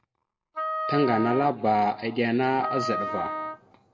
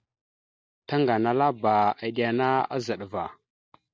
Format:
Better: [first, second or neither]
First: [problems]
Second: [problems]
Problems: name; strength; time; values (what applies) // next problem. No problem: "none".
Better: second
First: background sound (Wind instrument, woodwind instrument); 6 dB below the speech // room echo; dies away in 1.3 s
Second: none